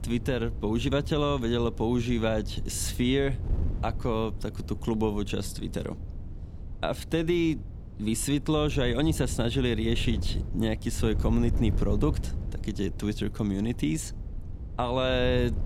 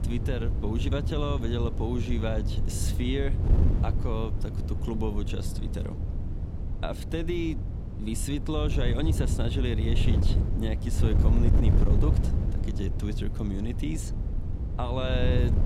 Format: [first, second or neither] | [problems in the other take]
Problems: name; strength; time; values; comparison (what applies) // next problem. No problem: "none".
first | wind noise on the microphone; heavy; 6 dB below the speech; occasional gusts in the first